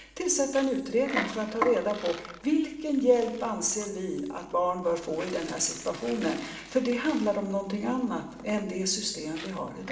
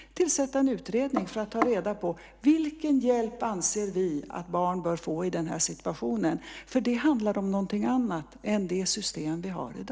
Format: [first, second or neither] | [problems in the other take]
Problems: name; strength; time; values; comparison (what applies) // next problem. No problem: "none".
second | background sound (Coin (dropping)); 16 dB below the speech // room echo; dies away in 0.9 s